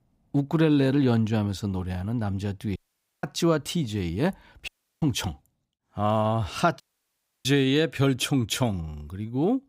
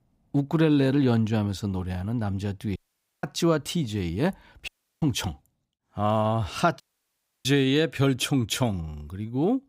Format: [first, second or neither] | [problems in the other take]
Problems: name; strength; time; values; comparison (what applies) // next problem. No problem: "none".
neither | audio cutting out; at 3 s, at 4.5 s and at 7 s for 0.5 s; the same in both